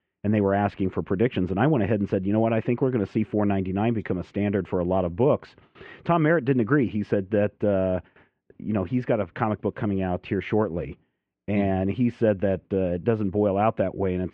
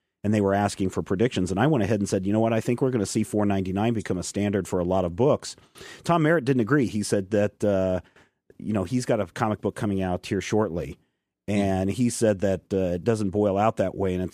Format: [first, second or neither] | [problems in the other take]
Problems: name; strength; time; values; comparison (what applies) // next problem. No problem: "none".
second | muffled; very; fading above 2.5 kHz